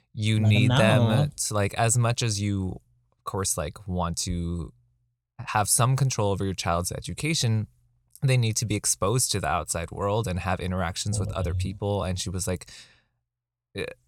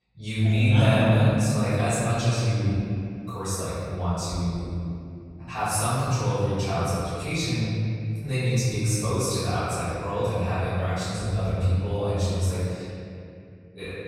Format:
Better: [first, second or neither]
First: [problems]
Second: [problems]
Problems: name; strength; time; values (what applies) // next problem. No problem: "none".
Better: first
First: none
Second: room echo; strong; dies away in 2.6 s // off-mic speech; far